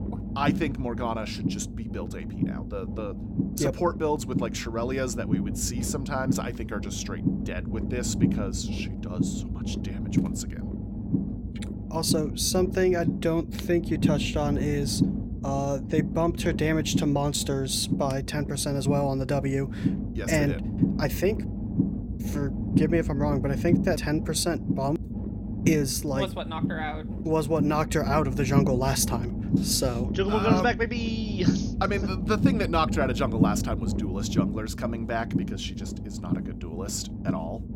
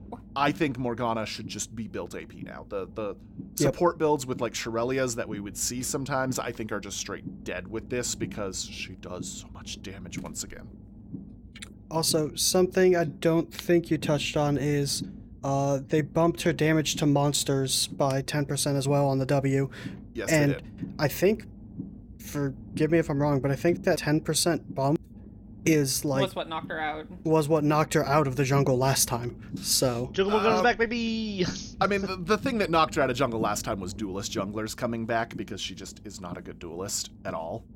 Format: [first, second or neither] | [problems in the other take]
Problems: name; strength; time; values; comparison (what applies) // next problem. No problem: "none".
second | low rumble; loud; throughout; 7 dB below the speech; faint in the second